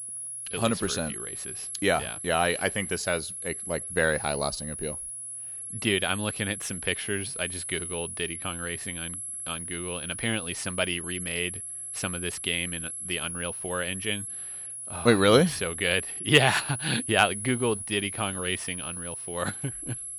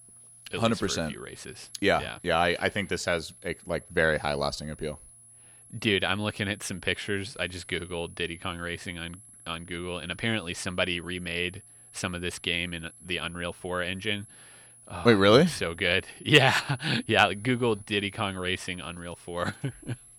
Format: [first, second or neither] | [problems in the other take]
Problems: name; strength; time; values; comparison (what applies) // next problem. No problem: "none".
second | high-pitched whine; loud; throughout; 11 kHz, 6 dB below the speech; faint in the second